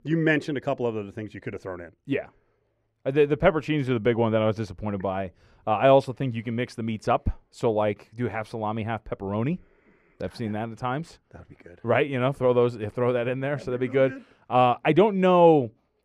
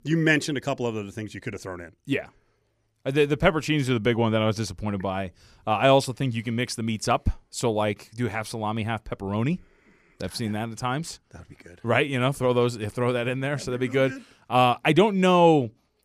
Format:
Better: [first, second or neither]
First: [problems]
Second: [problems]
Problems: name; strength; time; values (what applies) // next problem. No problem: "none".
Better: second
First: muffled; slightly; fading above 4 kHz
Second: none